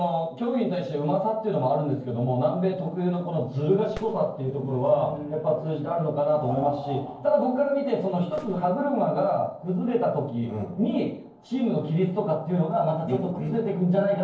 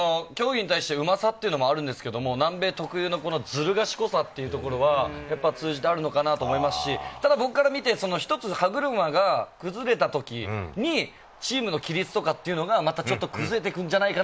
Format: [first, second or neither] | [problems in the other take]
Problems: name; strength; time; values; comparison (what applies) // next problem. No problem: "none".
second | noise reduction (neural separator model SepFormer DNS4)